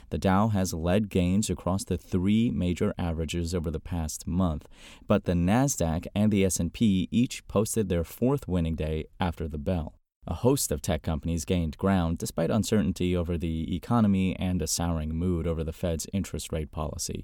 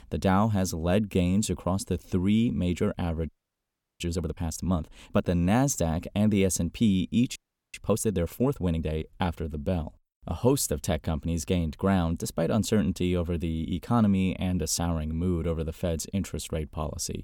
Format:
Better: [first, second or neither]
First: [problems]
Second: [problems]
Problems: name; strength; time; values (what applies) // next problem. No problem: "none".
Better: first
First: none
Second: audio freezing; at 3.5 s for 0.5 s and at 7.5 s